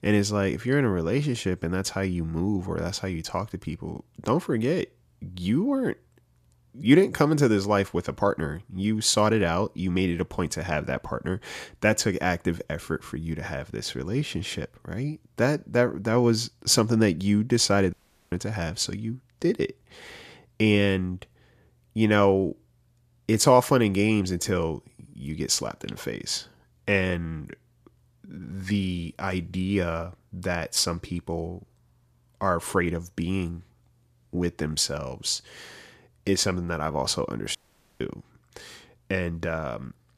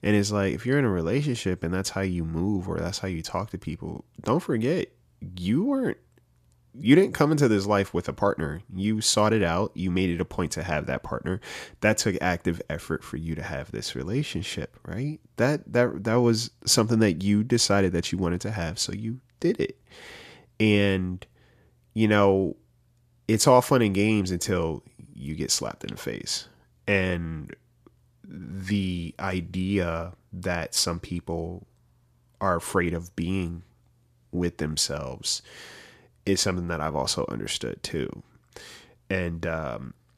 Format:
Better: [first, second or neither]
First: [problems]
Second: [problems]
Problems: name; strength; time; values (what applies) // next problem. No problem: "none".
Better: second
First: audio cutting out; at 18 s and at 38 s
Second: none